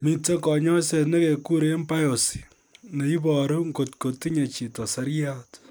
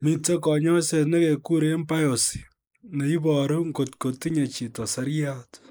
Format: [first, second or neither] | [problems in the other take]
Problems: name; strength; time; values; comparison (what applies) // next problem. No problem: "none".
first | noise reduction (neural mask model Resemble Enhance denoiser)